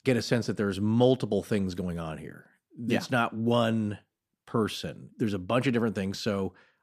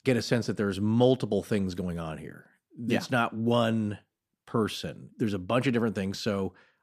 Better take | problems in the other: neither | none

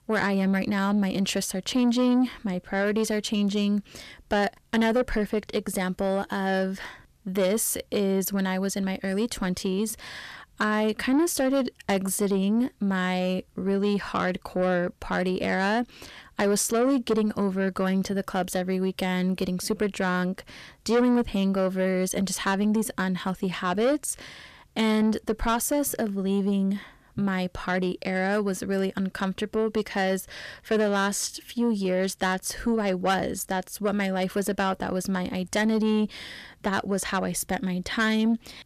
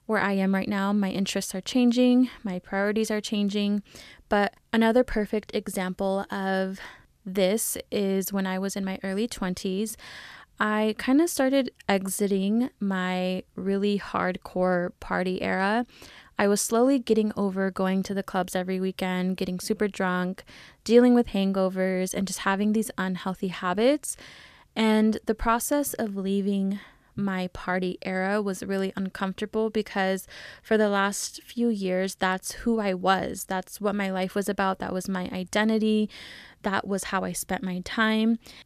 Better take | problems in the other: second | distortion; slight; 10 dB below the speech

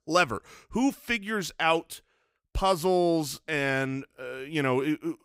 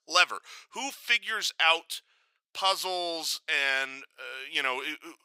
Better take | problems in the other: first | thin; very; fading below 800 Hz

